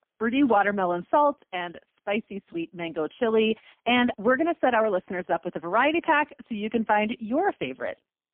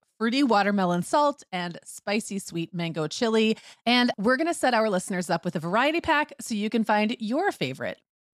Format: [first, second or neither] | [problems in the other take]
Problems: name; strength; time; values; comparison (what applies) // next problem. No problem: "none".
second | phone-call audio; poor line; nothing above 3 kHz